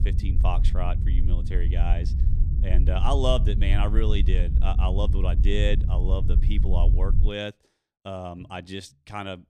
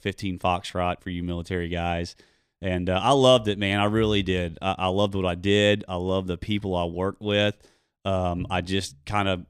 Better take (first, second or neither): second